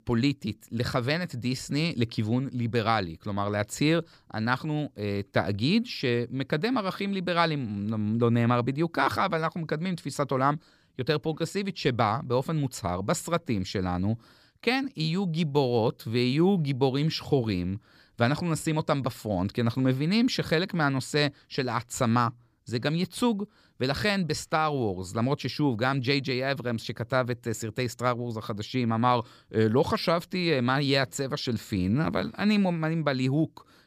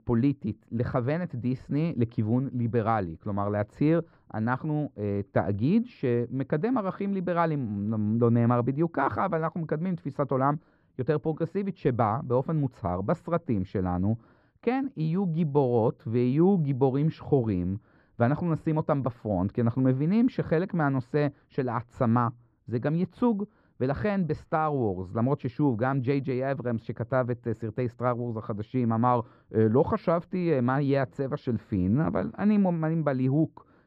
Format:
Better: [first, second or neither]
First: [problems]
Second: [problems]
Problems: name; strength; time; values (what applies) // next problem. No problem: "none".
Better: first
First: none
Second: muffled; very; fading above 3 kHz